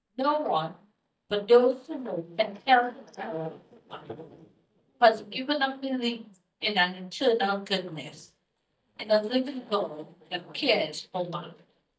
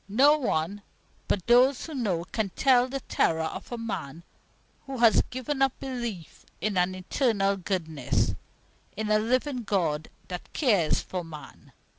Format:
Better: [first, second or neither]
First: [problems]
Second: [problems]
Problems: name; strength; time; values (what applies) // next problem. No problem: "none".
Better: second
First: noise reduction (neural mask model DeepFilterNet 3)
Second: none